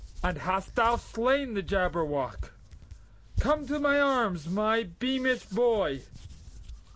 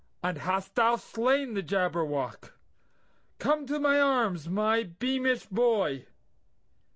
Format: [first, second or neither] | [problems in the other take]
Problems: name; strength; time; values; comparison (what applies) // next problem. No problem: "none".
second | background sound (Hands); 11 dB below the speech